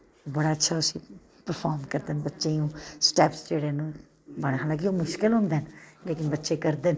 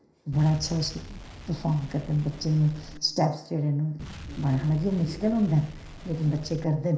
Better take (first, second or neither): first